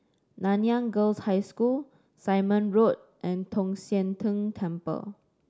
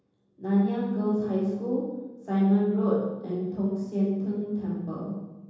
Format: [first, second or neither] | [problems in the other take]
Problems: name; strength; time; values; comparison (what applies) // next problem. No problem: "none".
first | room echo; dies away in 1.3 s